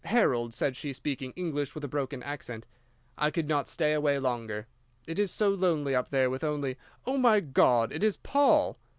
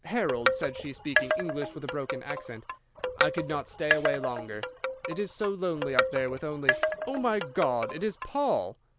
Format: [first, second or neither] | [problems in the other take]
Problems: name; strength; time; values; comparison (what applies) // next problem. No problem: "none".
first | background sound (Wind chime); 1 dB above the speech